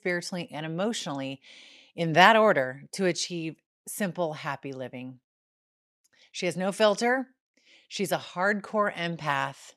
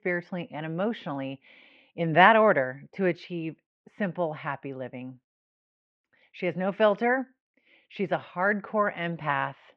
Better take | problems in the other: first | muffled; very; fading above 2.5 kHz

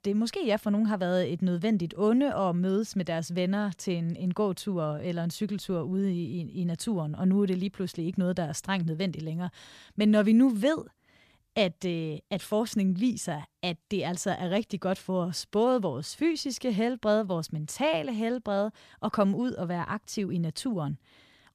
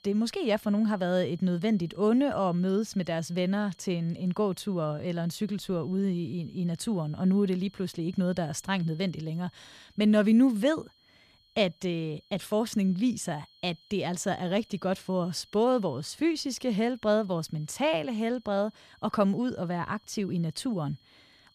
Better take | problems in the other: first | high-pitched whine; faint; throughout; 4 kHz, 30 dB below the speech

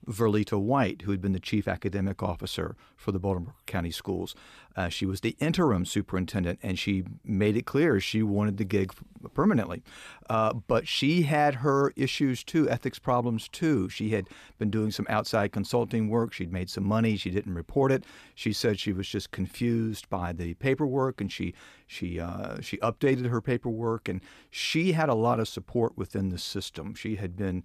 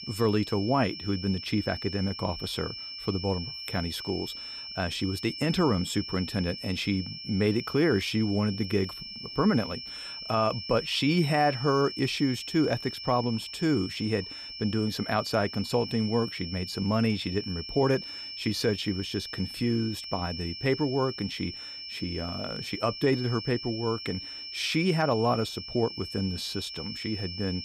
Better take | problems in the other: first | high-pitched whine; loud; throughout; 5.5 kHz, 8 dB below the speech

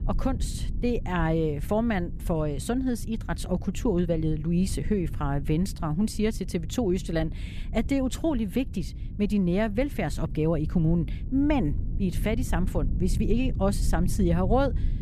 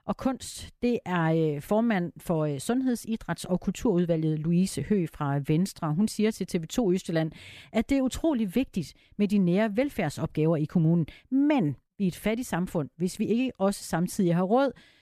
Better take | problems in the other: second | low rumble; noticeable; throughout; 15 dB below the speech

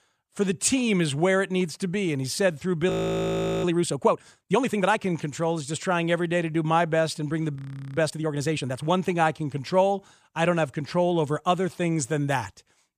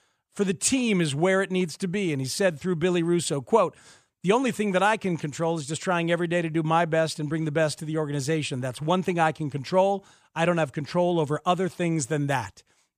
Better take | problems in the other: second | audio freezing; at 3 s for 0.5 s and at 7.5 s

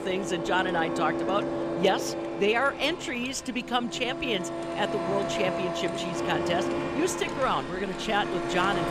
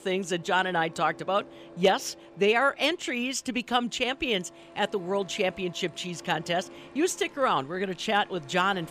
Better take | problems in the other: second | household noises; loud; throughout; 3 dB below the speech; faint in the second

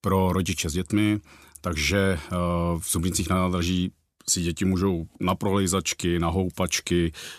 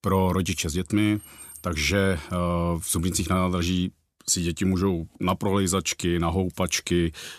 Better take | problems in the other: first | jangling keys; faint; at 1 s; peak 15 dB below the speech

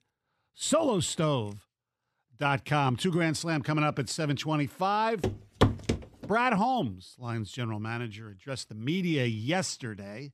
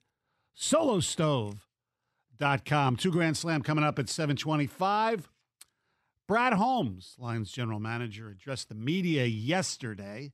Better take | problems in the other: second | footsteps; loud; at 5 s; peak 3 dB above the speech

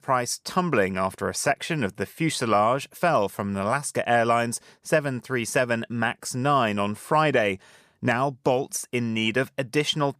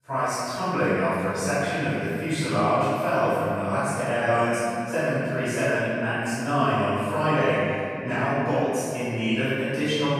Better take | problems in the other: first | off-mic speech; far // room echo; strong; dies away in 2.7 s

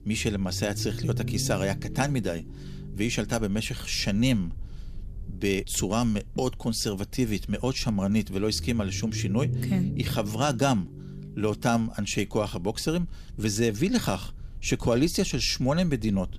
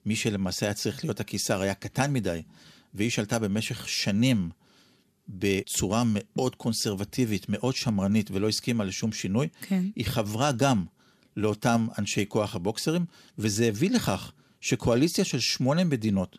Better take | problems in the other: second | low rumble; noticeable; throughout; 15 dB below the speech

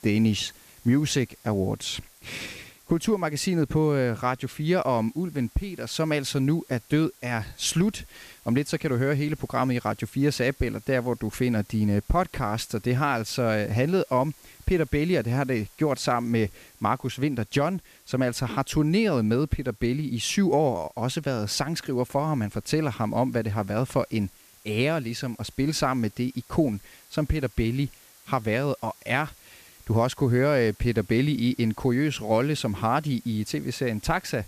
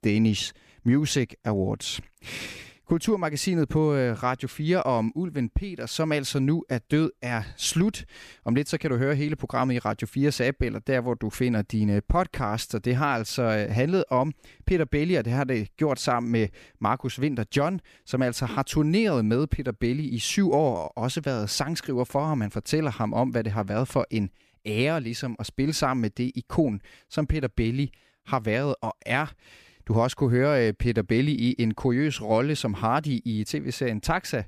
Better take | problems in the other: second | hiss; faint; throughout; 25 dB below the speech

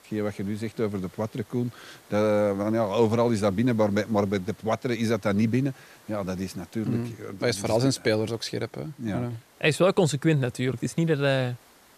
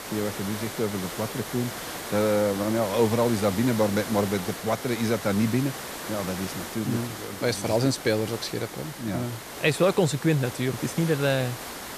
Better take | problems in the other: first | hiss; loud; throughout; 9 dB below the speech; faint in the first

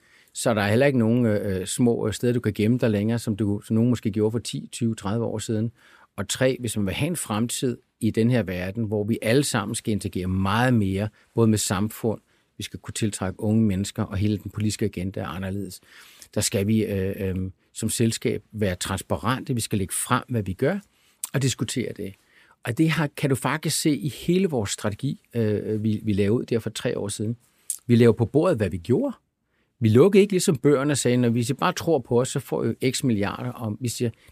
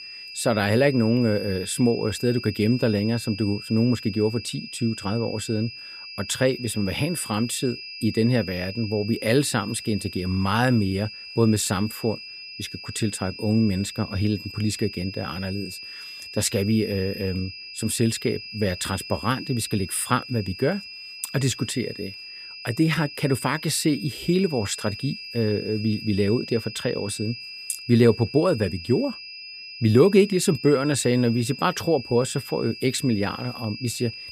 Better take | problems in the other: first | high-pitched whine; noticeable; throughout; 5 kHz, 10 dB below the speech

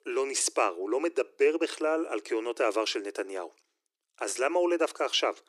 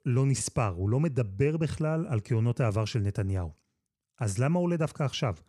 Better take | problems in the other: second | thin; very; fading below 300 Hz

